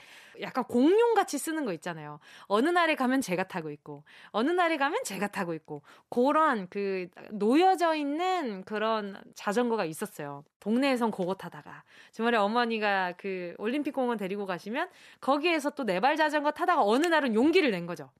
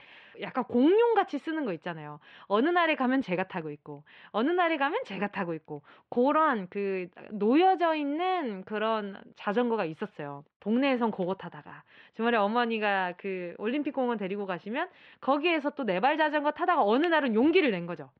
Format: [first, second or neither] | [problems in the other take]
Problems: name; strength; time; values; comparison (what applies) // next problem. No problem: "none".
first | muffled; slightly; fading above 3 kHz